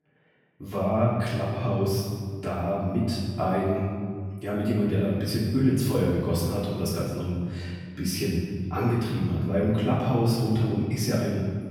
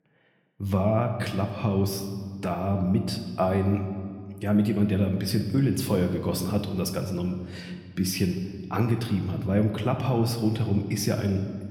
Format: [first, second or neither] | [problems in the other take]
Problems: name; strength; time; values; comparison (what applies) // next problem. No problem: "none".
second | room echo; strong; dies away in 1.7 s; slight in the second // off-mic speech; far